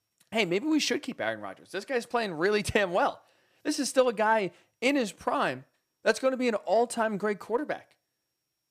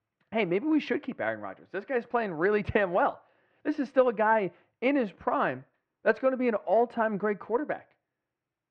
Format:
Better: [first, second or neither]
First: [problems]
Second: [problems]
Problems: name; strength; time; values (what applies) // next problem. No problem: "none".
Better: first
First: none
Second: muffled; very; fading above 2 kHz